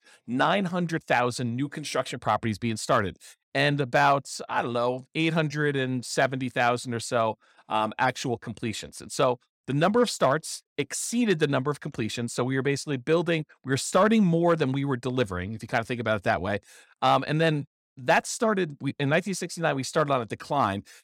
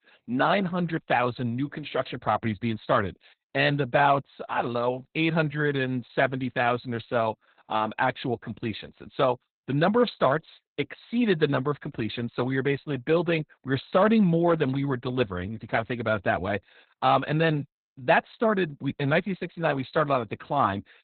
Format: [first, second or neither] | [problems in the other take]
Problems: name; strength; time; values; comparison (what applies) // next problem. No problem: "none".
first | garbled, watery; badly; nothing above 4 kHz